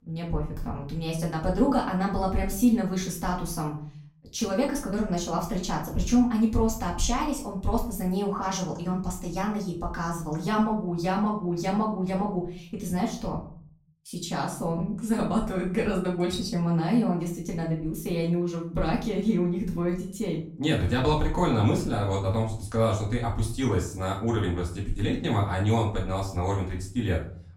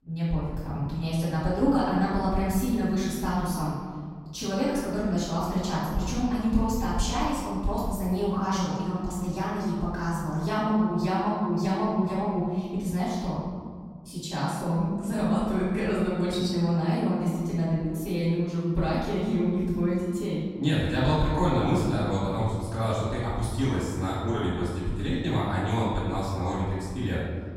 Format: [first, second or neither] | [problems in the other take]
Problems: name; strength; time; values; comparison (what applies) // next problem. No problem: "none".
first | room echo; strong; dies away in 1.7 s; slight in the first // off-mic speech; far; far in the first